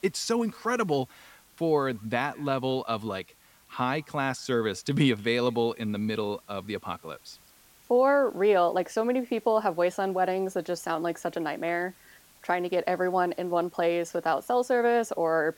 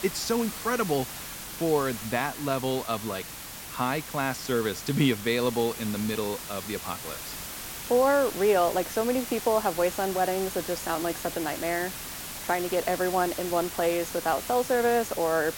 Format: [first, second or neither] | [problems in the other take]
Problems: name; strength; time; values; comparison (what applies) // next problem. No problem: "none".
first | hiss; loud; throughout; 8 dB below the speech; faint in the first